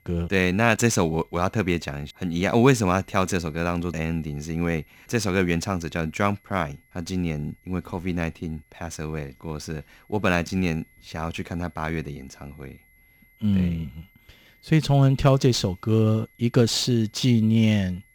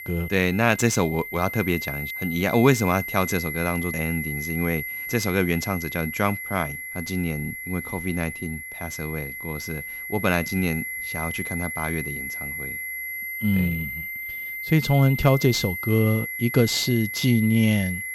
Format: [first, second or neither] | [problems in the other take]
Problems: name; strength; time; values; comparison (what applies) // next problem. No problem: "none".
first | high-pitched whine; loud; throughout; 2 kHz, 6 dB below the speech; faint in the first